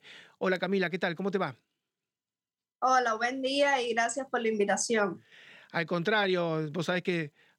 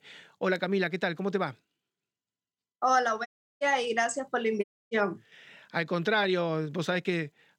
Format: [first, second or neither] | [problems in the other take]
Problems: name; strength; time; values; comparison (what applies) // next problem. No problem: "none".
first | audio cutting out; at 3.5 s and at 4.5 s